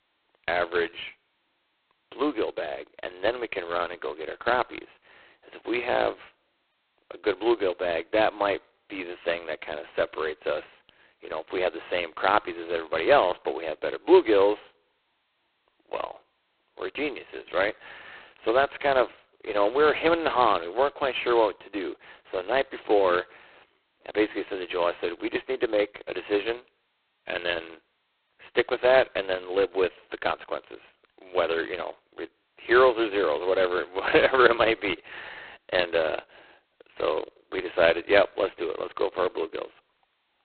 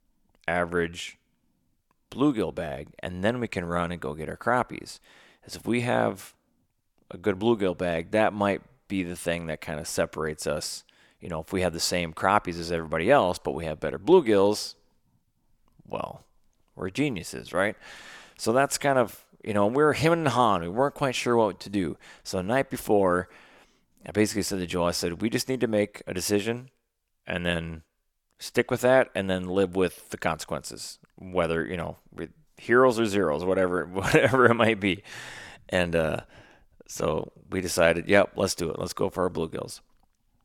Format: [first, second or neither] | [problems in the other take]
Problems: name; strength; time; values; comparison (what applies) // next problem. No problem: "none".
second | phone-call audio; poor line; nothing above 4 kHz